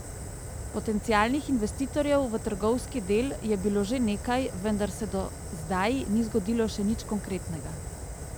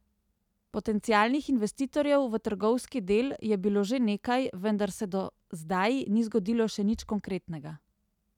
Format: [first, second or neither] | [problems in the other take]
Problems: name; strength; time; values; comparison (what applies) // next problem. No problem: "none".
second | background sound (Fire); 9 dB below the speech